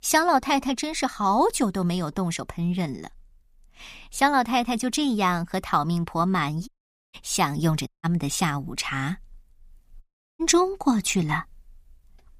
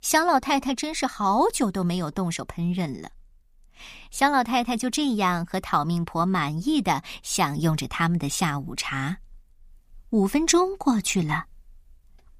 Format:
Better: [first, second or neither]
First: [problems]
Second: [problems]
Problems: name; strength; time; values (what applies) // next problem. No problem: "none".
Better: second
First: audio cutting out; at 6.5 s, at 8 s and at 10 s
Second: none